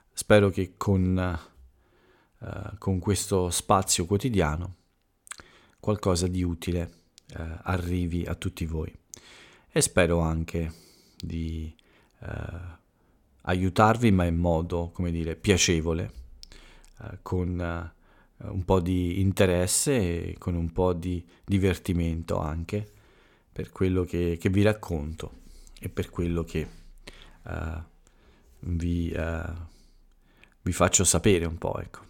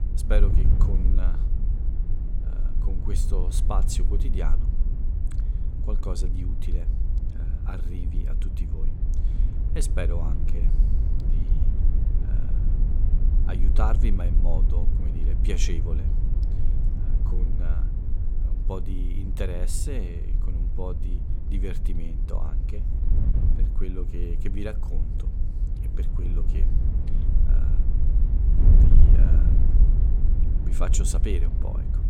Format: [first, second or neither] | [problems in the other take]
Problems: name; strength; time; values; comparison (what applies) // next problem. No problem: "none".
first | wind noise on the microphone; heavy; 5 dB below the speech